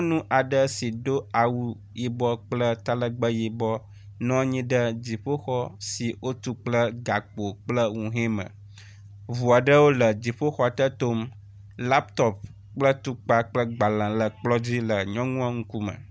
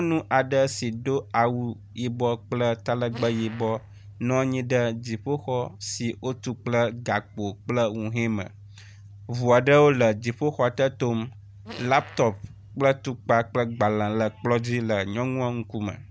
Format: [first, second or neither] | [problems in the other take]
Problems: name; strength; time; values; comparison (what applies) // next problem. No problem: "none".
first | background sound (Fart); 19 dB below the speech